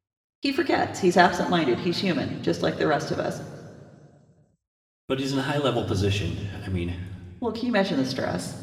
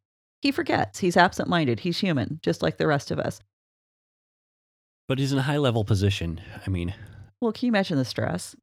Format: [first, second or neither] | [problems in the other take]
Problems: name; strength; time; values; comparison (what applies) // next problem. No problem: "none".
second | room echo; slight; dies away in 1.7 s // off-mic speech; somewhat distant